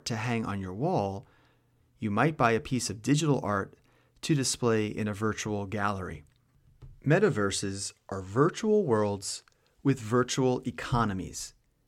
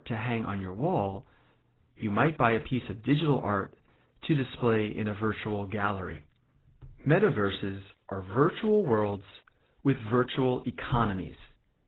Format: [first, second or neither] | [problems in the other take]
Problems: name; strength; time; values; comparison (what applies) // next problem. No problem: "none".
first | garbled, watery; badly; nothing above 4 kHz